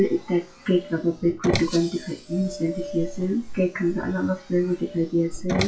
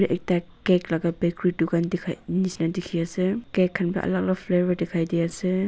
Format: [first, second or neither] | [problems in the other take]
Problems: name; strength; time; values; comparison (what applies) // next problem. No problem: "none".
second | noise reduction (classical method WPE with log-MMSE)